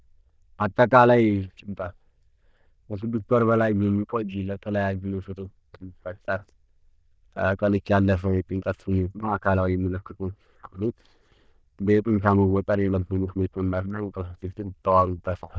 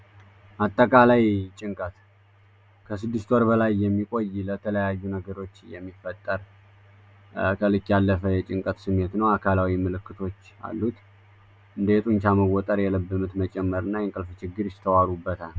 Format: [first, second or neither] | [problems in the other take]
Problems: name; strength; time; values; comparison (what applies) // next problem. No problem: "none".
second | noise reduction (neural diffusion model UNIVERSE++)